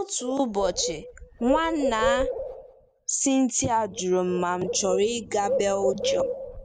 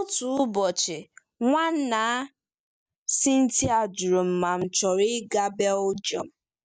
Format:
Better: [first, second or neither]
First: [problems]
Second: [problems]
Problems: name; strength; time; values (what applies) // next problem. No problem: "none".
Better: second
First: background sound (Bird); 4 dB below the speech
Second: none